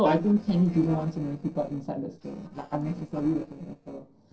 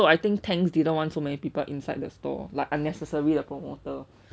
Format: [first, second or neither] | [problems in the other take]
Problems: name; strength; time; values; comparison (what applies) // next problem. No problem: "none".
second | noise reduction (neural separator model SepFormer DNS4)